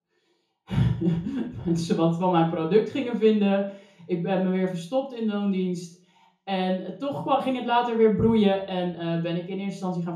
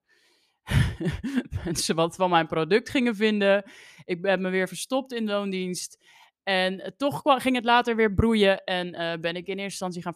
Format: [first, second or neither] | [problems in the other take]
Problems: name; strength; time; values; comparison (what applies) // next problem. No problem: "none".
second | room echo; slight; dies away in 0.6 s // off-mic speech; far